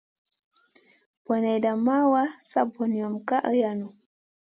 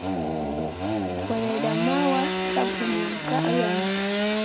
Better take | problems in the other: first | background sound (Sawing / Engine); 3 dB above the speech

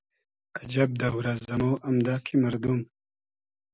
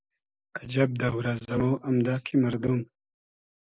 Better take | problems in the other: first | noise reduction (neural mask model Resemble Enhance denoiser)

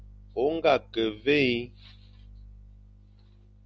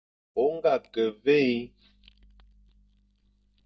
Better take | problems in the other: first | noise reduction (neural mask model DeepFilterNet 3)

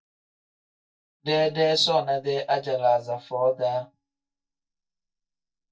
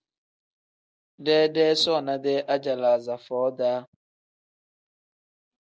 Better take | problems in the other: second | noise reduction (neural mask model DeepFilterNet 3)

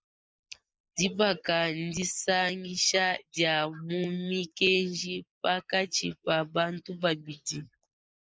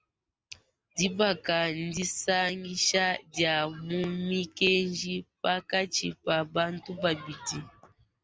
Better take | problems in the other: second | noise reduction (neural mask model Resemble Enhance denoiser)

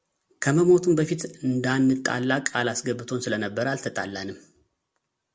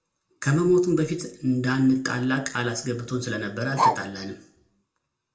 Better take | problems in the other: first | background sound (Bark); 3 dB below the speech // room echo; dies away in 0.4 s

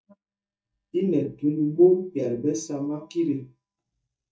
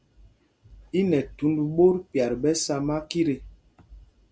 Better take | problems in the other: second | noise reduction (neural mask model DeepFilterNet 3)

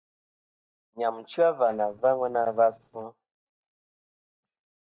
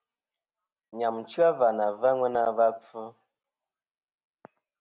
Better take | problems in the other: second | noise reduction (neural mask model DeepFilterNet 3)

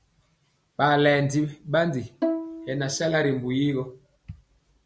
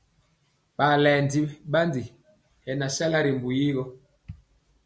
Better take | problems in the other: second | background sound (Bowed string instrument); 7 dB below the speech

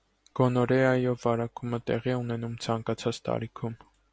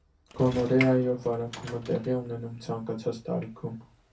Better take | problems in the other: first | background sound (Sliding door / Train); 14 dB below the speech // room echo; dies away in 0.3 s

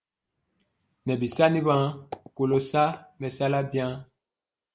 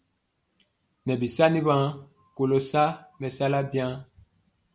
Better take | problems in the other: second | noise reduction (neural mask model Resemble Enhance denoiser)

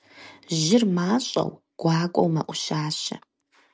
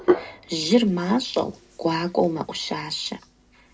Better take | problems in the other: first | background sound (Hands); 6 dB below the speech // room echo; dies away in 0.2 s

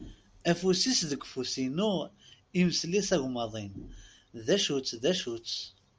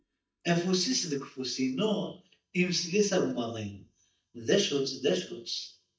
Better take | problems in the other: first | noise reduction (neural mask model DeepFilterNet 3)

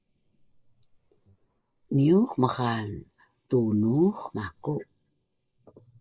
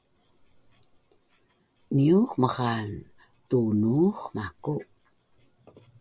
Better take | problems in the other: second | noise reduction (neural mask model Resemble Enhance denoiser)

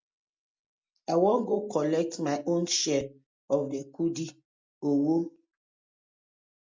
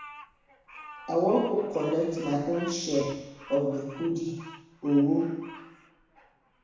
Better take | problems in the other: first | background sound (Bird vocalization, bird call, bird song); 19 dB below the speech // room echo; dies away in 1.1 s

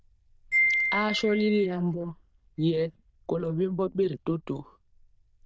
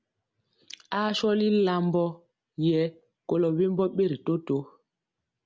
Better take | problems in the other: second | noise reduction (neural diffusion model UNIVERSE++)

